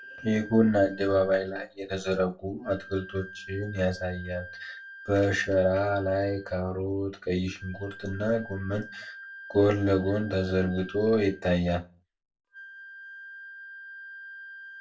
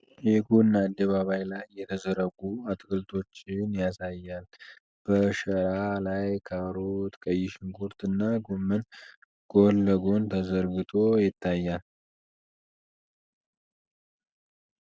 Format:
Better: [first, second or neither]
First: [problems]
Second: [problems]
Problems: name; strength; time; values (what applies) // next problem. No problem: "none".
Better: second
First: background sound (Wind instrument, woodwind instrument); 17 dB below the speech // room echo; dies away in 0.2 s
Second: none